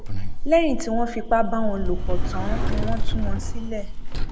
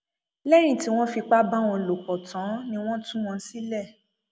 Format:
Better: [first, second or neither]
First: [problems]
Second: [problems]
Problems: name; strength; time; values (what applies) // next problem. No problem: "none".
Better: second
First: background sound (Sliding door); 5 dB above the speech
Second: none